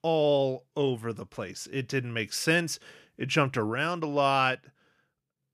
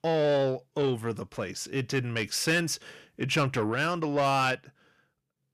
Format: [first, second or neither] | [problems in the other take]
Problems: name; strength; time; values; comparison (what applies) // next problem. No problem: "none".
first | distortion; slight; 10 dB below the speech